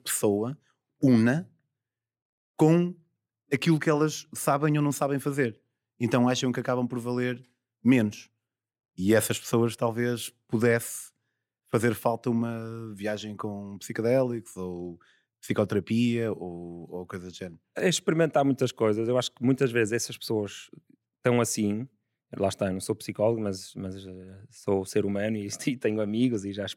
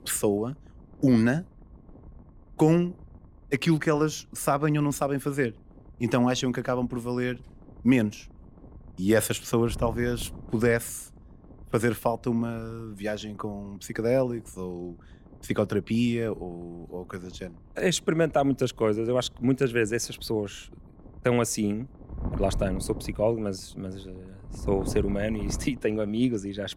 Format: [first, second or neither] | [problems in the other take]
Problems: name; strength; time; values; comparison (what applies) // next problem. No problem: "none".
first | wind noise on the microphone; occasional gusts; 20 dB below the speech